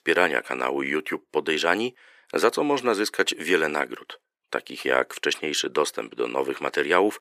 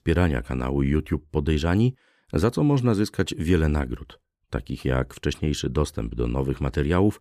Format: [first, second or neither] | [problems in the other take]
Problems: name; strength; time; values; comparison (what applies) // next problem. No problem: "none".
second | thin; very; fading below 450 Hz